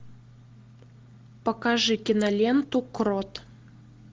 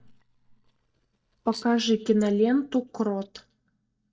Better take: first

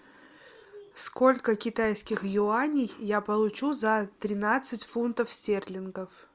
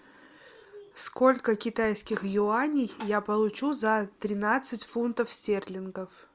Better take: first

